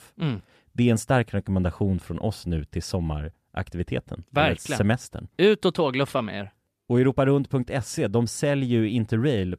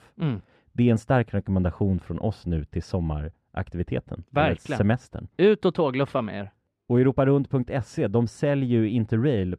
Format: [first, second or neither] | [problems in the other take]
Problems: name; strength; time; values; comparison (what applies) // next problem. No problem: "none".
first | muffled; slightly; fading above 1.5 kHz